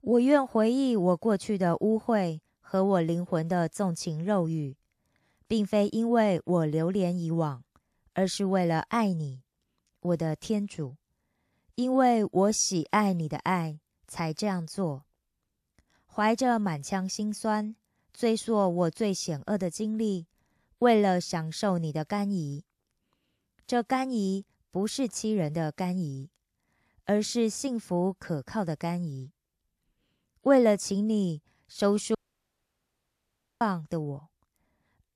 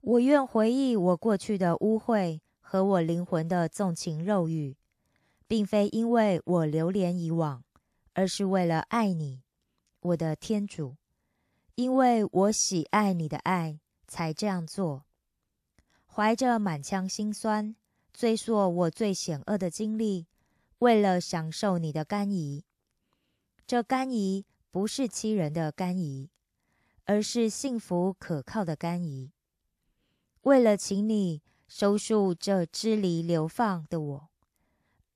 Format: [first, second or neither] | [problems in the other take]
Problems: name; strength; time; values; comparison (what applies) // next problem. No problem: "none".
second | audio cutting out; at 32 s for 1.5 s